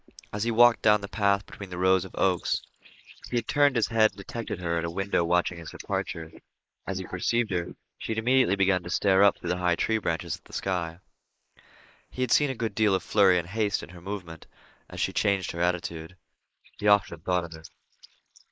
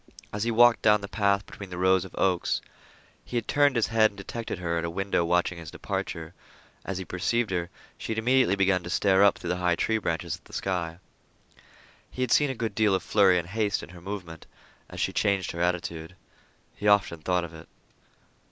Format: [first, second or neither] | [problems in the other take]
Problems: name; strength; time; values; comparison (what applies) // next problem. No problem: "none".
second | noise reduction (neural mask model Resemble Enhance denoiser)